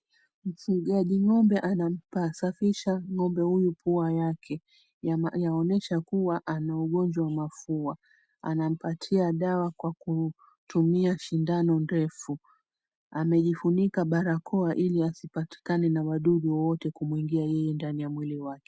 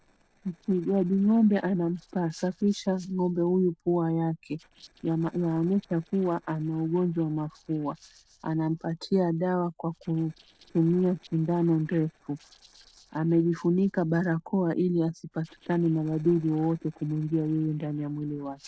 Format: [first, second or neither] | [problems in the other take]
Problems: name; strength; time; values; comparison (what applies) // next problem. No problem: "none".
first | noise reduction (neural separator model SepFormer DNS4)